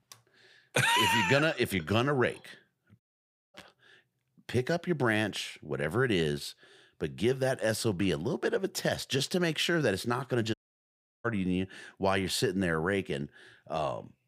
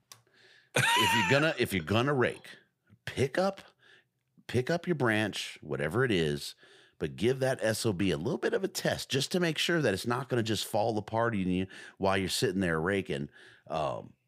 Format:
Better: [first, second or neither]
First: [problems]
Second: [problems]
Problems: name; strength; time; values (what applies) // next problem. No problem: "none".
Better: second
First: audio cutting out; at 3 s for 0.5 s and at 11 s for 0.5 s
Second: none